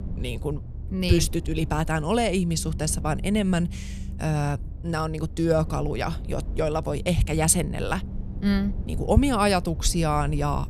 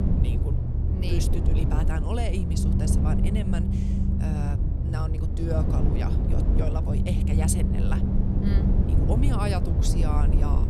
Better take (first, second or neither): first